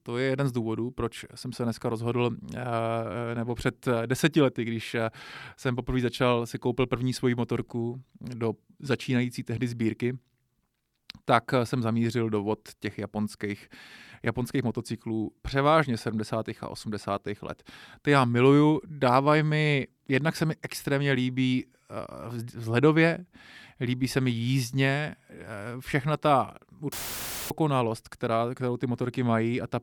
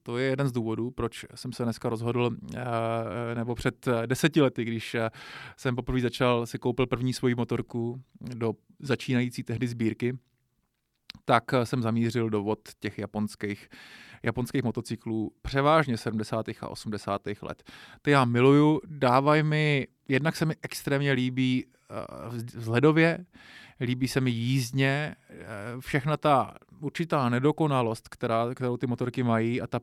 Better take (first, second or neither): second